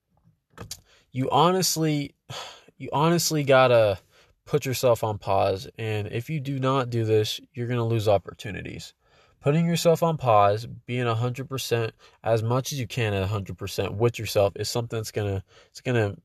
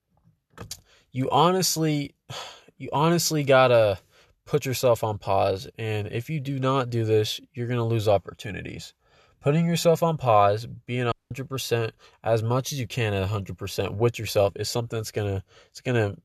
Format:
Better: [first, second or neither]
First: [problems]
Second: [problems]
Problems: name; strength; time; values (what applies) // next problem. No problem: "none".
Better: first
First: none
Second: audio cutting out; at 11 s